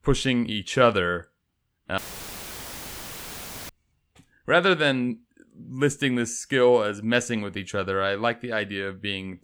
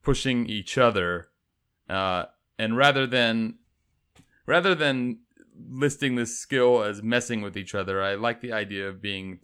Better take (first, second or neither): second